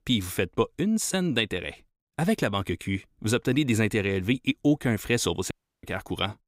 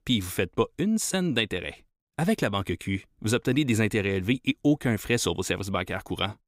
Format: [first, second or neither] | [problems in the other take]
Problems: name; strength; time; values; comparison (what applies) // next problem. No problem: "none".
second | audio cutting out; at 5.5 s